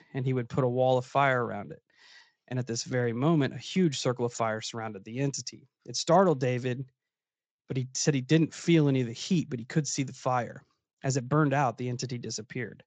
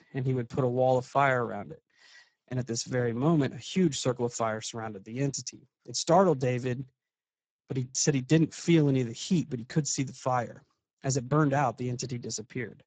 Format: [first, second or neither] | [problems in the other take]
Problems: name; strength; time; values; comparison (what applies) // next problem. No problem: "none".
first | garbled, watery; badly; nothing above 7.5 kHz; slightly in the first